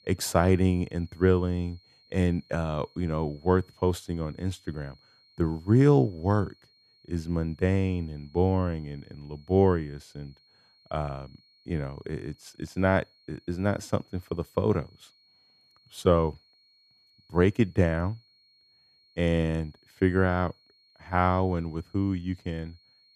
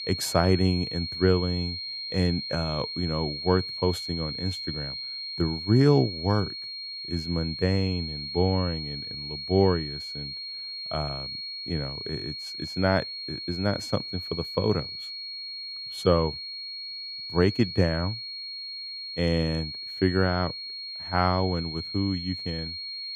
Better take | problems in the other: first | high-pitched whine; loud; throughout; 4.5 kHz, 6 dB below the speech; faint in the first

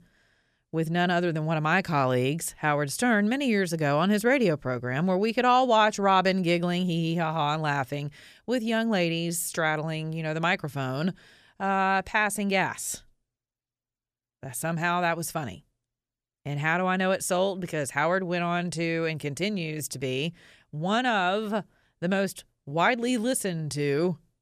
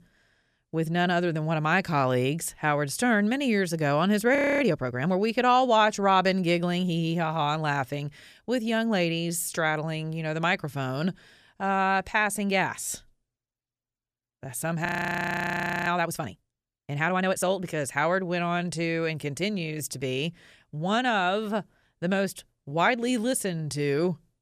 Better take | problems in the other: first | audio freezing; at 4.5 s and at 15 s for 1 s

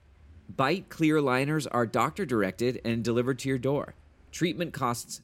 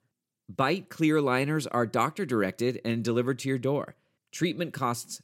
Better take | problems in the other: second | traffic noise; faint; throughout; 30 dB below the speech

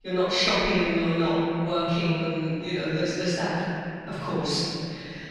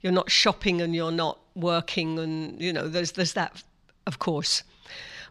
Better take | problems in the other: second | room echo; strong; dies away in 2.9 s // off-mic speech; far

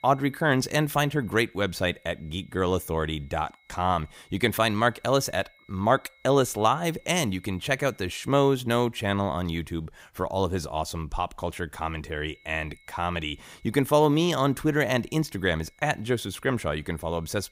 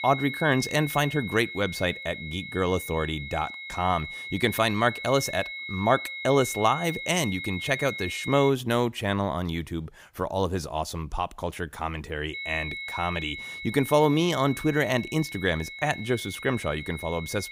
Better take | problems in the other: first | high-pitched whine; loud; until 8.5 s and from 12 s on; 2 kHz, 8 dB below the speech; faint in the first

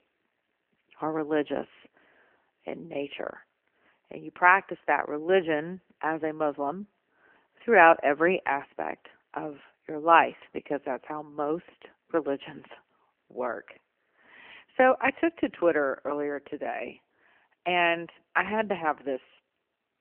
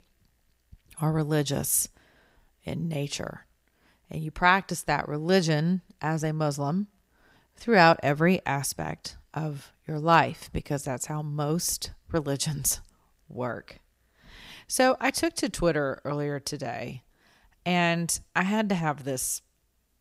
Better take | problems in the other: second | phone-call audio; nothing above 3 kHz

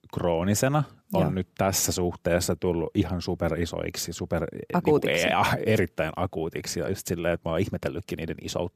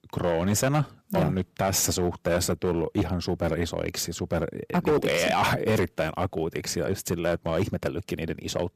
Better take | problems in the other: first | distortion; slight; 6% of the sound clipped

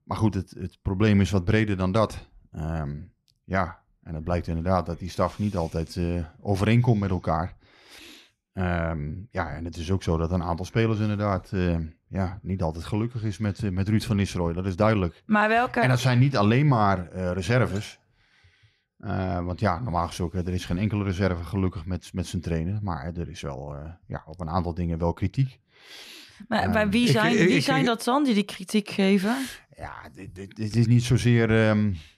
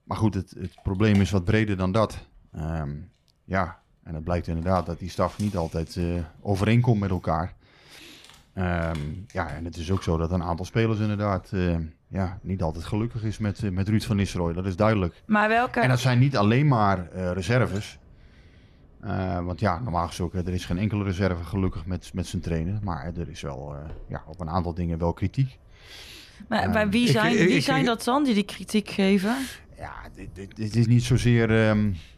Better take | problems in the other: first | animal sounds; faint; throughout; 25 dB below the speech

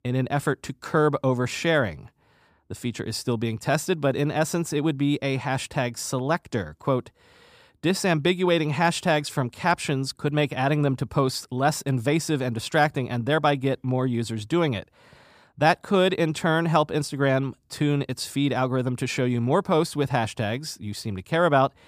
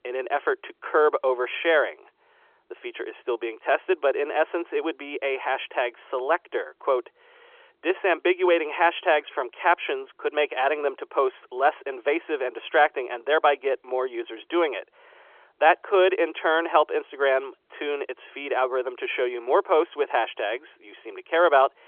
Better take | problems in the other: first | phone-call audio; nothing above 3.5 kHz

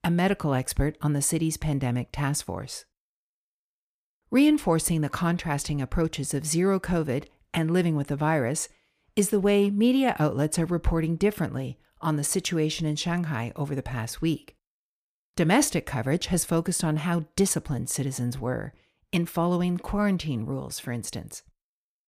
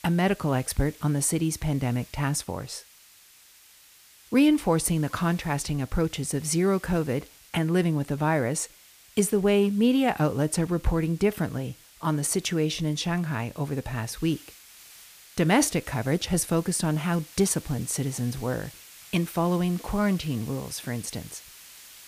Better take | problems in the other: first | hiss; faint; throughout; 20 dB below the speech

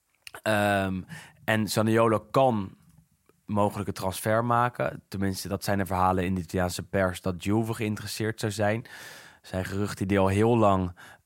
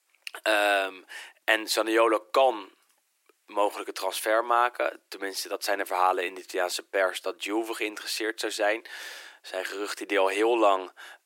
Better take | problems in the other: first | thin; very; fading below 350 Hz

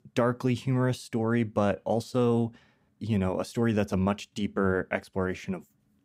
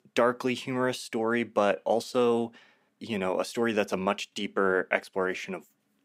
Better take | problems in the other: first | thin; somewhat; fading below 350 Hz

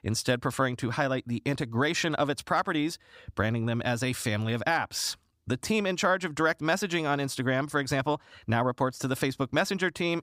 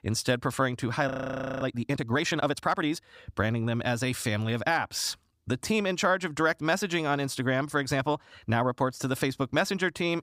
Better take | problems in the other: first | audio freezing; at 1 s for 0.5 s

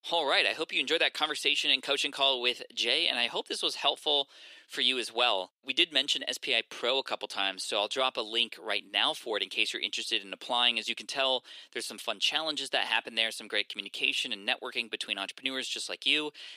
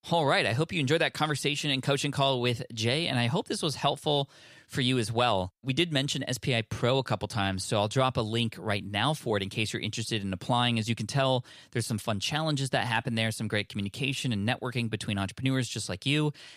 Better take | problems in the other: second | thin; somewhat; fading below 350 Hz

